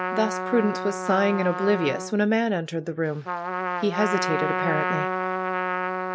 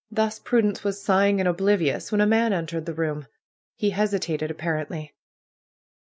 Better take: second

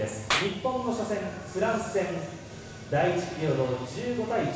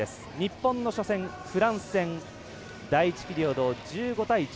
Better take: second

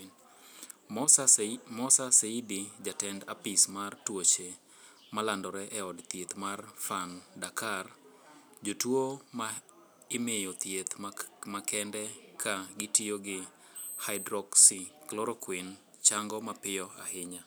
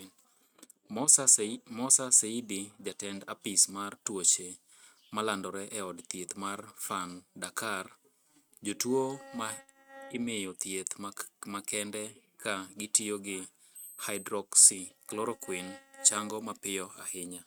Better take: first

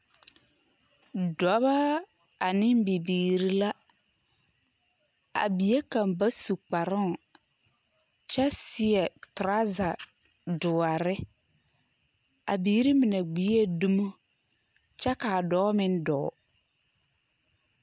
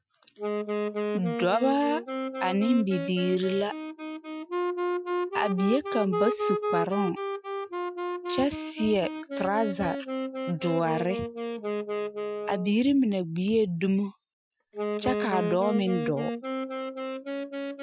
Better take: first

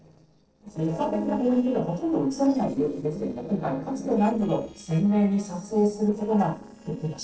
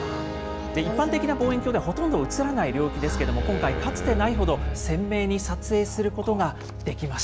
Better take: second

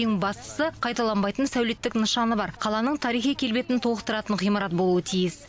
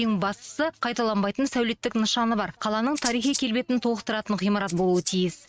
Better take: first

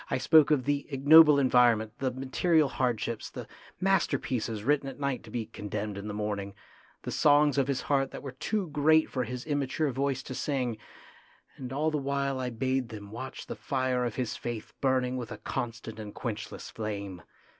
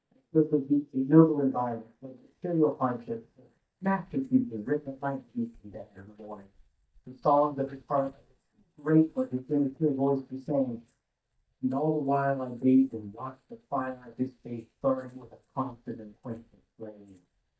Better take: first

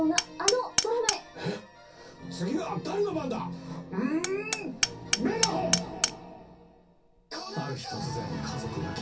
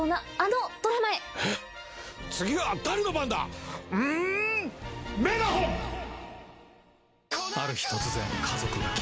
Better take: second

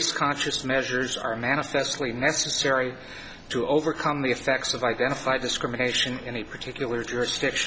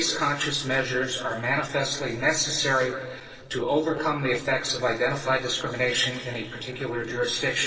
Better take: first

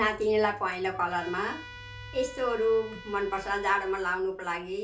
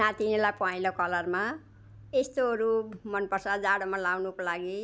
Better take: second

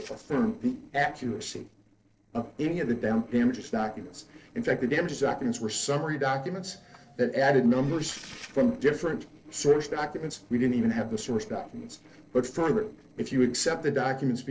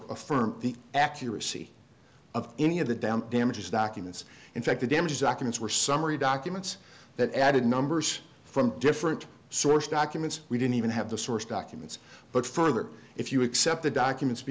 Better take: second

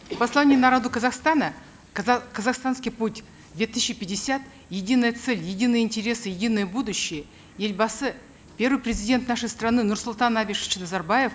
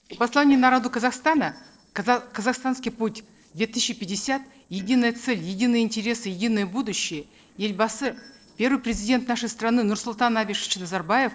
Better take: first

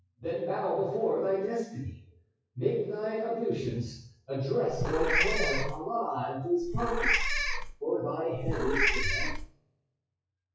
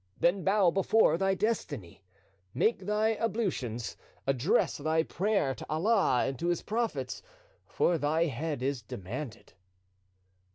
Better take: second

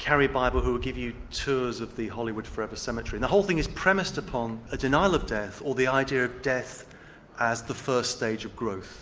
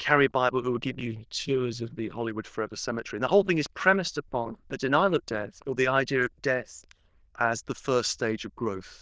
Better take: first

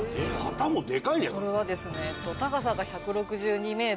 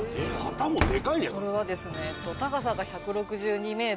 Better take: first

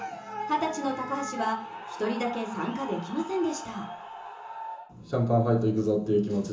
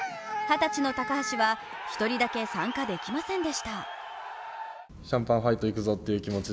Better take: second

